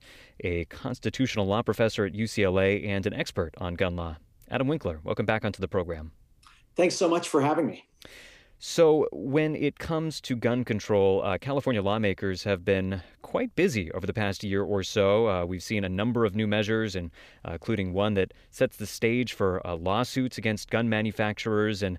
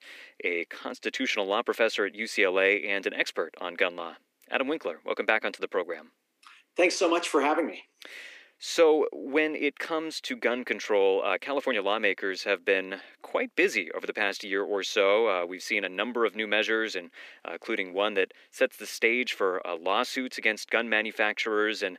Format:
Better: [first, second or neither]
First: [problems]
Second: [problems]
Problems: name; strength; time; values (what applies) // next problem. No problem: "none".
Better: first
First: none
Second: thin; somewhat; fading below 300 Hz